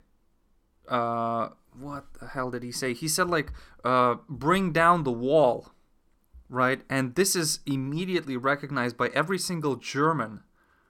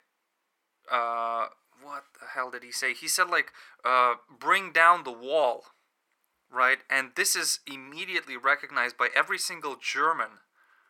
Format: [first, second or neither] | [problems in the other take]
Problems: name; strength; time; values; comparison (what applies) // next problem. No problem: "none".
first | thin; very; fading below 700 Hz